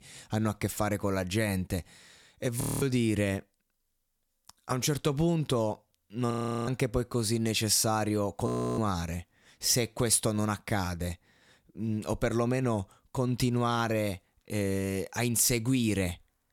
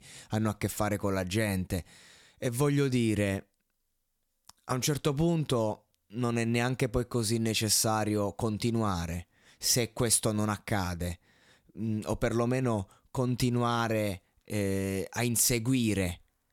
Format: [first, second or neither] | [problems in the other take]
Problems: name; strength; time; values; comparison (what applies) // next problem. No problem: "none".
second | audio freezing; at 2.5 s, at 6.5 s and at 8.5 s